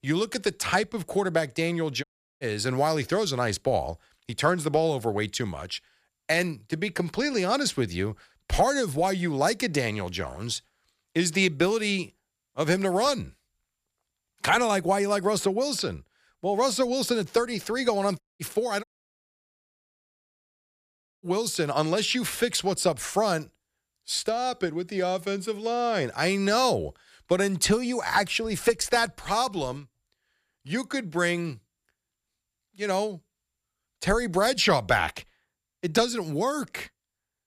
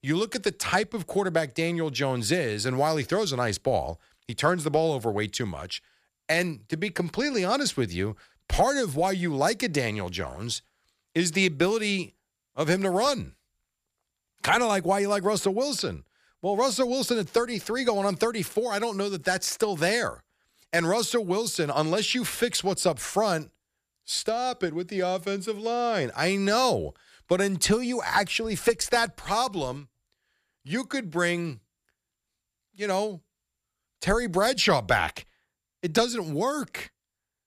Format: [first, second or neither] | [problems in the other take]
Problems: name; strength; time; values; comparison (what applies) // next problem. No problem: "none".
second | audio cutting out; at 2 s, at 18 s and at 19 s for 2.5 s